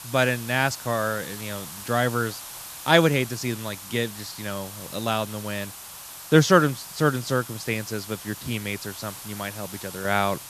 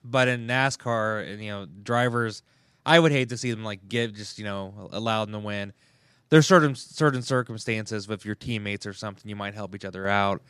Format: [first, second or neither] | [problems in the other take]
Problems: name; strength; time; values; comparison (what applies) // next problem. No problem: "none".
second | hiss; noticeable; throughout; 10 dB below the speech